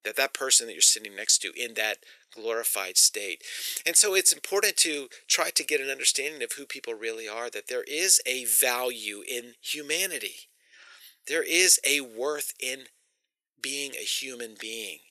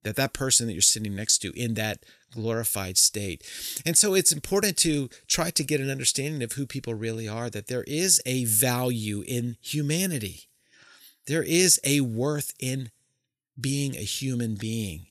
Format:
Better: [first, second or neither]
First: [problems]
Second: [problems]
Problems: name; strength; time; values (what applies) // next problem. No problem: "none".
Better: second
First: thin; very; fading below 400 Hz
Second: none